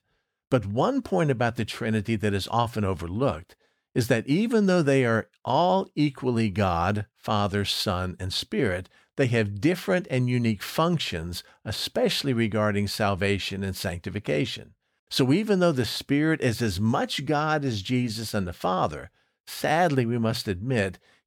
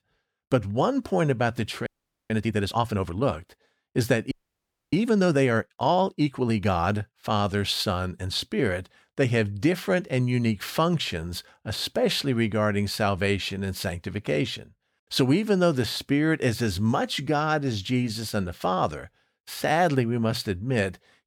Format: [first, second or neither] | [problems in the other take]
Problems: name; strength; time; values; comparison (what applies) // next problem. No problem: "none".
first | audio freezing; at 2 s and at 4.5 s for 0.5 s